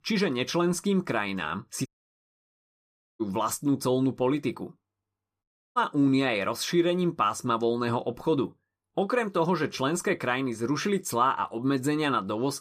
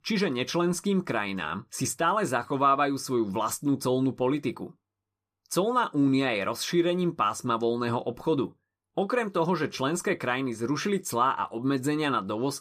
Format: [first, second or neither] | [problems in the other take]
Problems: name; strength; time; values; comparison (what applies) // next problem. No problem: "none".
second | audio cutting out; at 2 s for 1.5 s and at 5.5 s